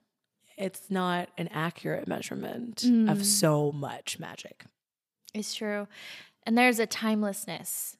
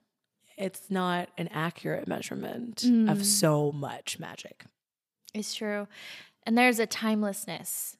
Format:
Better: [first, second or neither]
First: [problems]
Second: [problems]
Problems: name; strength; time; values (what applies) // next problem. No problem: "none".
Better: neither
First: none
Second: none